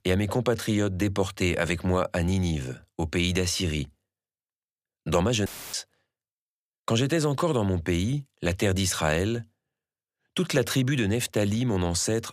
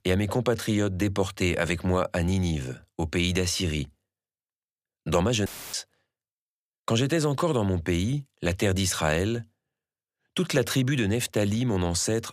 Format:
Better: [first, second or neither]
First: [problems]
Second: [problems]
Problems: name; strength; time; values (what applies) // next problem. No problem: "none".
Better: neither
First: audio cutting out; filled with static; at 5.5 s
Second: audio cutting out; filled with static; at 5.5 s